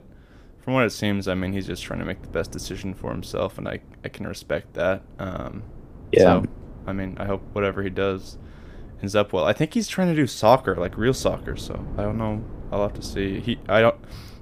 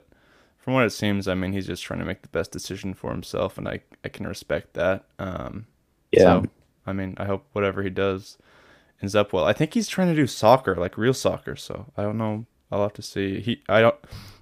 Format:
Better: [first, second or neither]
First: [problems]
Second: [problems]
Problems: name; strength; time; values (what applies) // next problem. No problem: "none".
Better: second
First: wind noise on the microphone; occasional gusts; 25 dB below the speech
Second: none